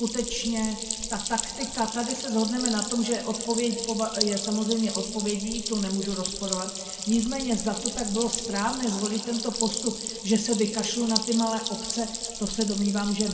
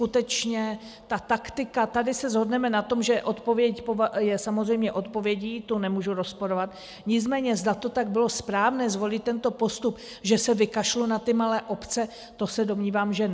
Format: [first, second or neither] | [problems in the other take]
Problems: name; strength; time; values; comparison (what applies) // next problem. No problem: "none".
second | background sound (Stream); 5 dB below the speech // room echo; dies away in 2.1 s